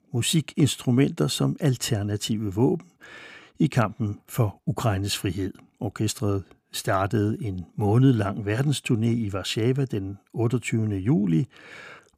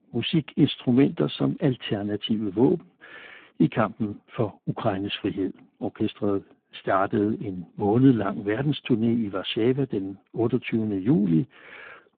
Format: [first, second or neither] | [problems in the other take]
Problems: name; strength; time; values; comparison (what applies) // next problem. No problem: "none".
first | phone-call audio; poor line; nothing above 3.5 kHz